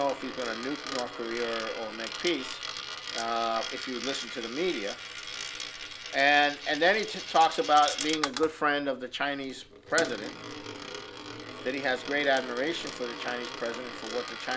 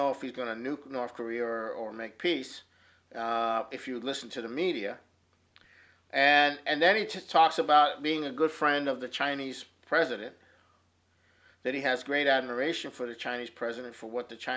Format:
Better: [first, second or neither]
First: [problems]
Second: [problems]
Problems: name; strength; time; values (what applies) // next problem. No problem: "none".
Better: second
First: background sound (Coin (dropping)); 8 dB below the speech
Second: none